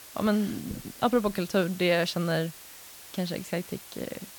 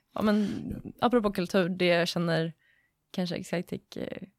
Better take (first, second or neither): second